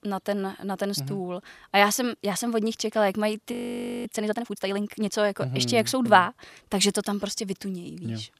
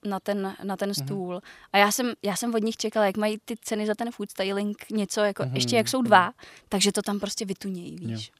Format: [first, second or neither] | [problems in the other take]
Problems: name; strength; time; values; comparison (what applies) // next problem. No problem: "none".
second | audio freezing; at 3.5 s for 0.5 s